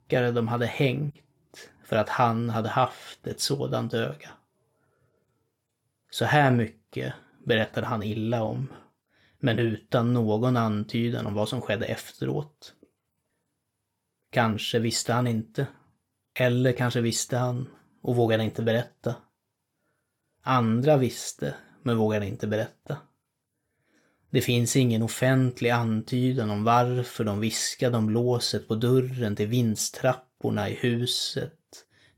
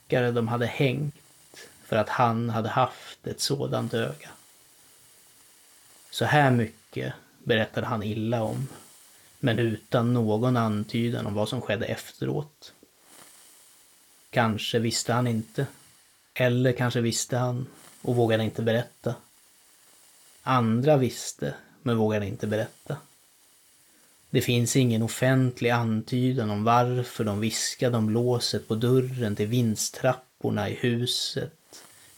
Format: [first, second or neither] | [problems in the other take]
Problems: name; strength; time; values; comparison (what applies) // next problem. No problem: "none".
first | hiss; faint; throughout; 30 dB below the speech